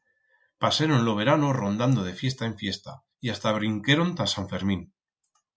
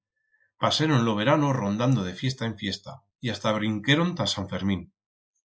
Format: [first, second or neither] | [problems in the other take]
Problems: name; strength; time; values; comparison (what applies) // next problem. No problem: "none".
first | noise reduction (neural mask model Resemble Enhance denoiser)